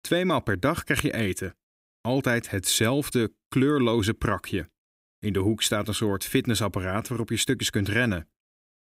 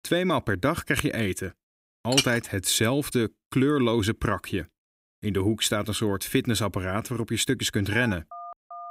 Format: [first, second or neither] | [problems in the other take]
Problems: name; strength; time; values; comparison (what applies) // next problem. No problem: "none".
first | clattering dishes; loud; at 2 s; peak 1 dB above the speech // phone ringing; faint; from 8 s on; peak 15 dB below the speech